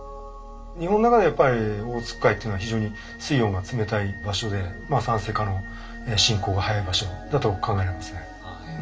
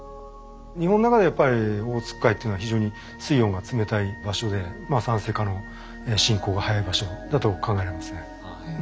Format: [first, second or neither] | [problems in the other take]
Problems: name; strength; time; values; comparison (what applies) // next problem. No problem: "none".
second | room echo; dies away in 0.2 s